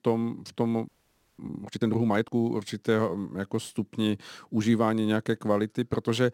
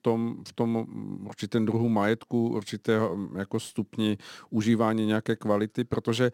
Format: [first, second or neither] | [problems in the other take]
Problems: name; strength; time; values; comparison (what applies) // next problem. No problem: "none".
second | audio freezing; at 1 s for 0.5 s